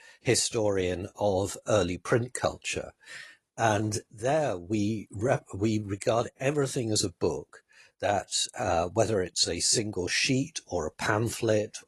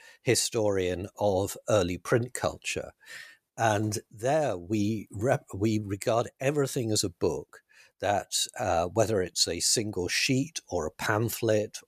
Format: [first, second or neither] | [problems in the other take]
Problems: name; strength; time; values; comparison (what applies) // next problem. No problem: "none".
second | garbled, watery; slightly